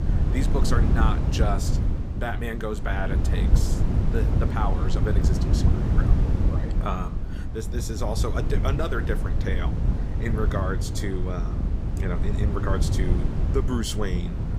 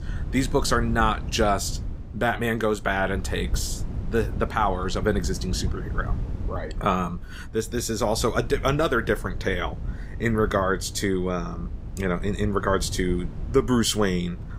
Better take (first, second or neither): second